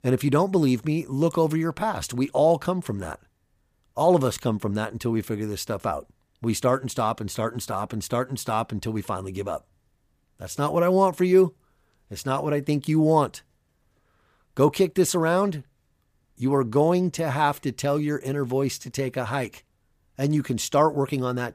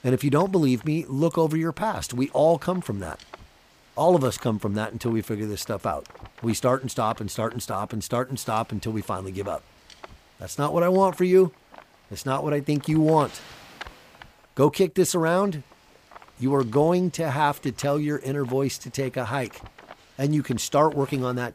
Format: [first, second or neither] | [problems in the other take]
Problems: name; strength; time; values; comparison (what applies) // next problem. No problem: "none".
first | wind noise on the microphone; occasional gusts; 20 dB below the speech